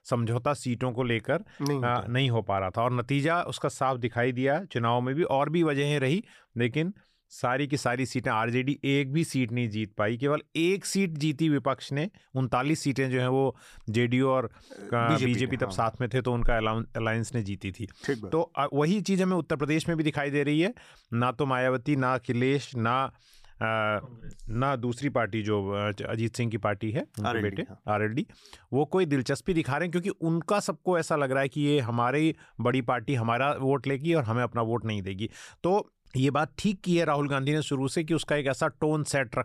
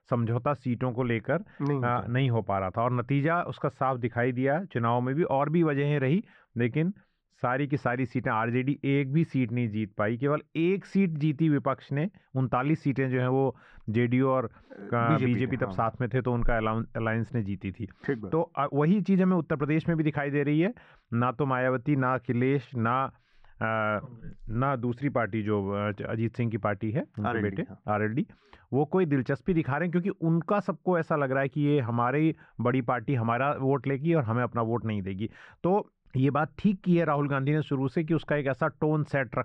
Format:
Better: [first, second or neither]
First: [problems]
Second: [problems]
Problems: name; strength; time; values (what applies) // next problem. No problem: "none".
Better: first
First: none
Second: muffled; very; fading above 2 kHz